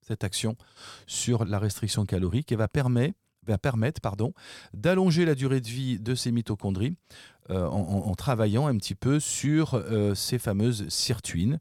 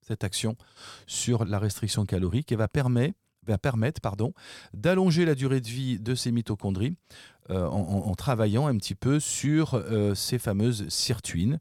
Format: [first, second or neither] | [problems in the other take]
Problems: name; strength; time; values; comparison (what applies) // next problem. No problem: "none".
neither | none